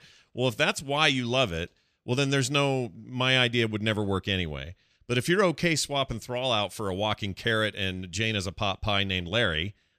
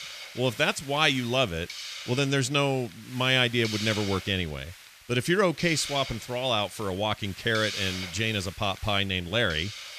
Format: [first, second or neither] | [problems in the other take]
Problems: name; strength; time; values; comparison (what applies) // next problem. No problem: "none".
first | hiss; noticeable; throughout; 10 dB below the speech